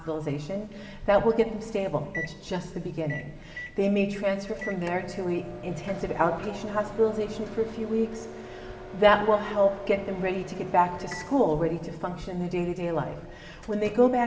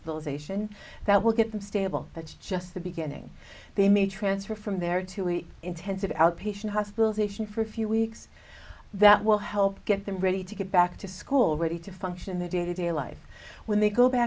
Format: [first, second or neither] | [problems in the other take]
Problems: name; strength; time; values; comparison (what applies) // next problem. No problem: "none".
second | background sound (Microwave oven); 16 dB below the speech // room echo; dies away in 3 s